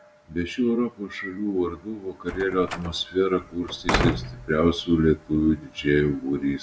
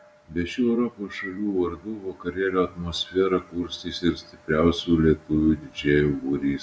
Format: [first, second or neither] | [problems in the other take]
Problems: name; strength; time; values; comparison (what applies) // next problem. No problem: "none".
second | background sound (Slam); 6 dB below the speech